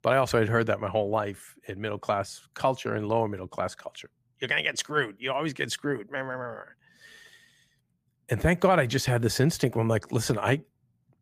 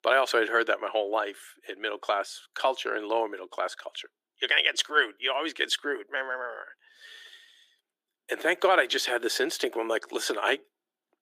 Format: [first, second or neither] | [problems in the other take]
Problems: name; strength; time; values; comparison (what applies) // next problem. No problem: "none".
first | thin; very; fading below 350 Hz